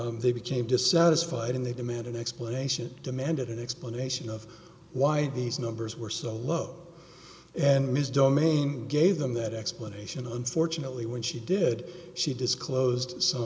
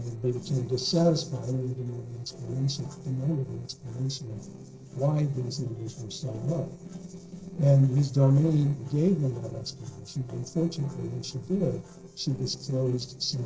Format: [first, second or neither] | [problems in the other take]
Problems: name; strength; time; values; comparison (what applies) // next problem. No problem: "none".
first | noise reduction (neural separator model SepFormer DNS4)